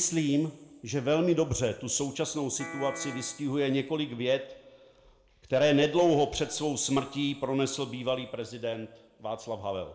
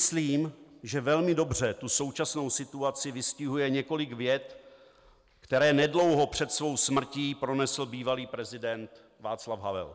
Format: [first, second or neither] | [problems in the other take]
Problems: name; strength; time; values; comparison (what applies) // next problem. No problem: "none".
second | background sound (Piano); 12 dB below the speech // room echo; dies away in 0.4 s